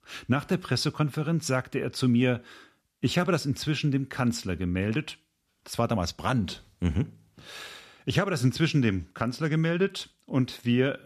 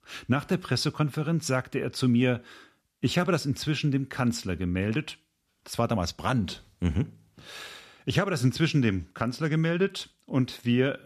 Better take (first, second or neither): neither